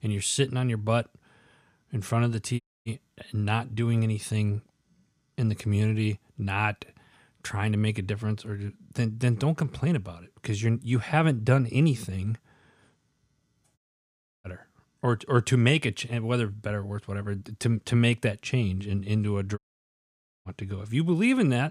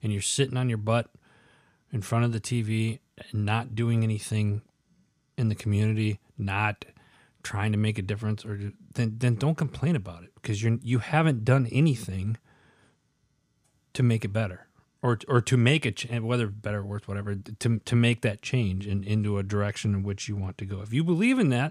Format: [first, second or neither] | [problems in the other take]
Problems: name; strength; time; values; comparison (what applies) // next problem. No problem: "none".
second | audio cutting out; at 2.5 s, at 14 s for 0.5 s and at 20 s for 1 s